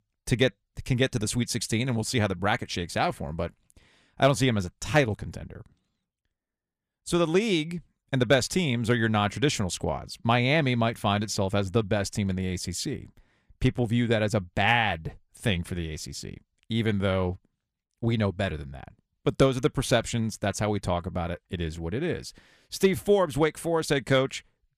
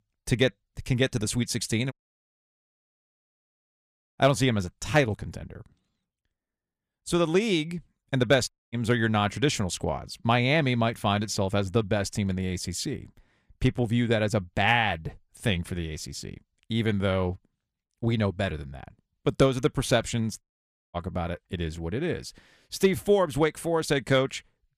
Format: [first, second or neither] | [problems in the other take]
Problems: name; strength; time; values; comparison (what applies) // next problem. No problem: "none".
first | audio cutting out; at 2 s for 2.5 s, at 8.5 s and at 20 s for 0.5 s